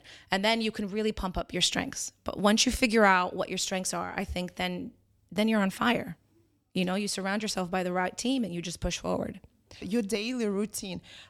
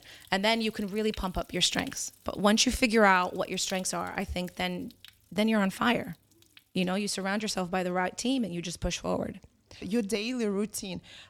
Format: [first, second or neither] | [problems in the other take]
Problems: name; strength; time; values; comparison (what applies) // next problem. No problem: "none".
first | rain or running water; faint; throughout; 20 dB below the speech